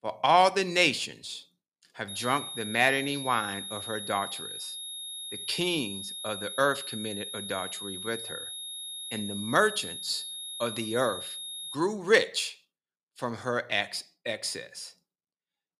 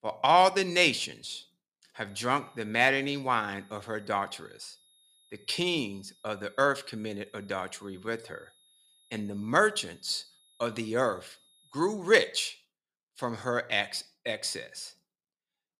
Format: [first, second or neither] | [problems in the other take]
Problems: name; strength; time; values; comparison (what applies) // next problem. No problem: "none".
second | high-pitched whine; loud; from 2 to 12 s; 3.5 kHz, 8 dB below the speech; faint in the second